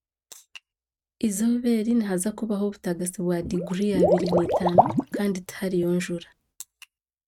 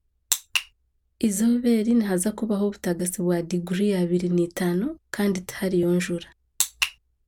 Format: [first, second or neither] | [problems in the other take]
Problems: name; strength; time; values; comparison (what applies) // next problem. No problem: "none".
second | noise reduction (neural mask model RNNoise)